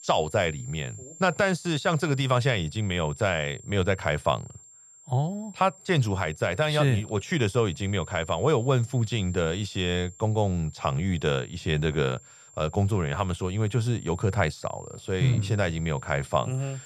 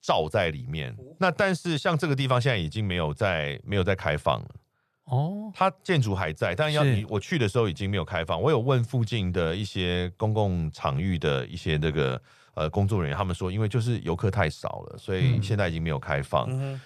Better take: second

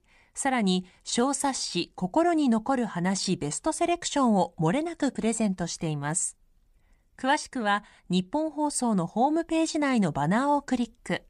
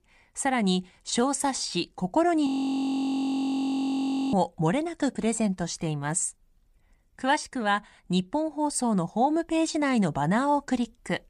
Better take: first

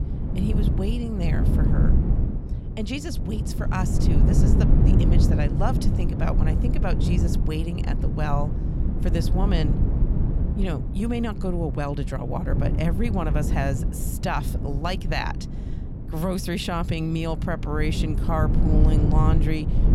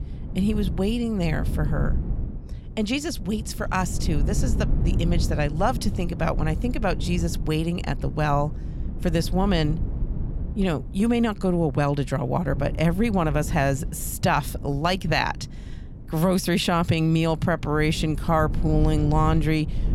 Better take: second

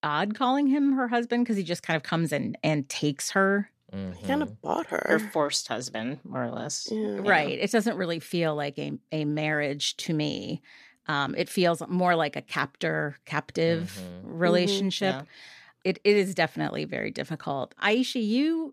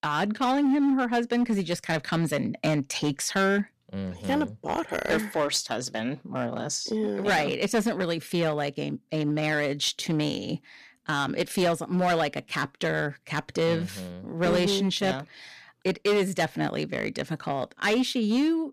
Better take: first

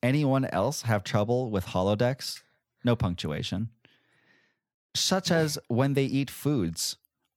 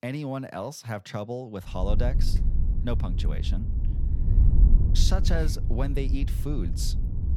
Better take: first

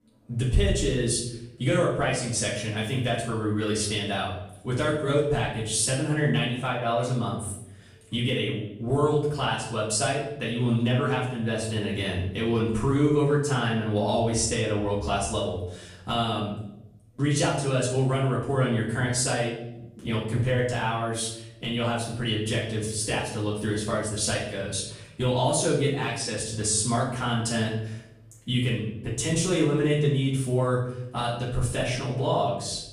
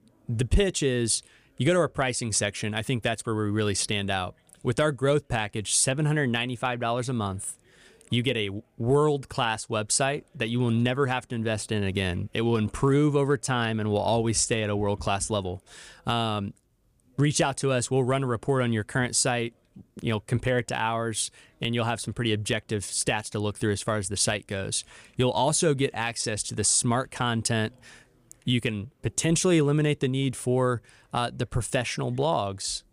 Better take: second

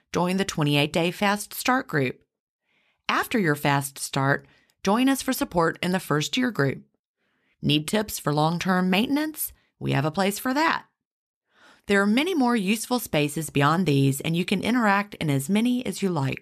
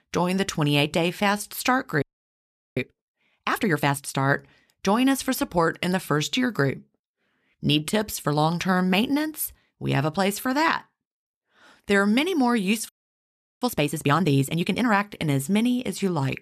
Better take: first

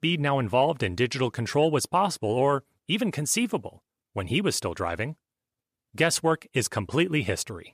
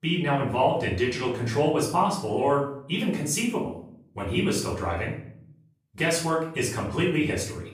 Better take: first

